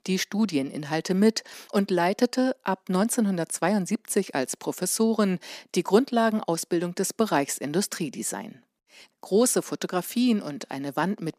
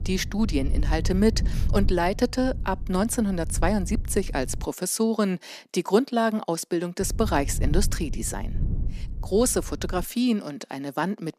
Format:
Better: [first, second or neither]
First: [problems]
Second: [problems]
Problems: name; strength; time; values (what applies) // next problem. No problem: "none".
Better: first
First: none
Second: low rumble; noticeable; until 4.5 s and from 7 to 10 s; 20 dB below the speech